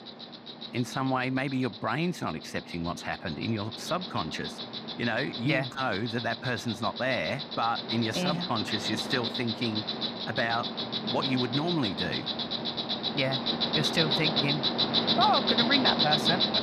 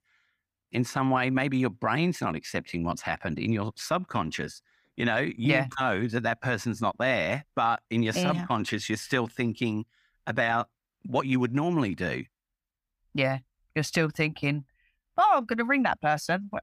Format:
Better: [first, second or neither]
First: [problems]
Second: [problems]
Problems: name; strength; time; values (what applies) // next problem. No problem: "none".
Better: second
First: animal sounds; very loud; throughout; 2 dB above the speech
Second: none